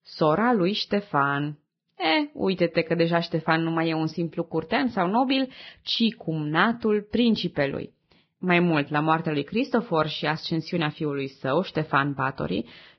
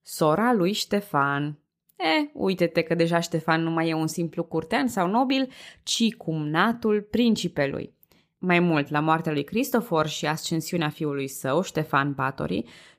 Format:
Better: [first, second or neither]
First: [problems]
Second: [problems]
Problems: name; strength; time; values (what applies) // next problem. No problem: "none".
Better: second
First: garbled, watery; badly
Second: none